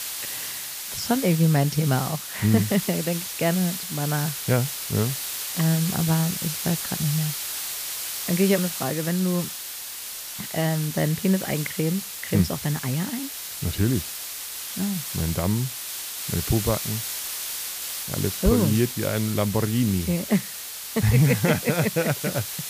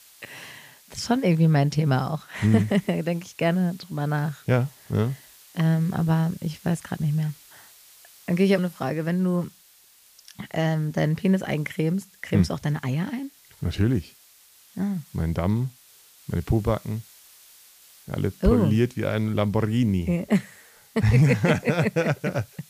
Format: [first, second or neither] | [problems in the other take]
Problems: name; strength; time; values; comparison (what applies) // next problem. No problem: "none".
second | hiss; loud; throughout; 5 dB below the speech; faint in the second